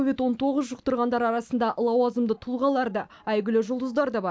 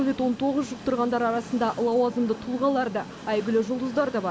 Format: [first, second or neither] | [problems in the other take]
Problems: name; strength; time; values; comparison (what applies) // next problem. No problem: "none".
first | background sound (Train); 14 dB below the speech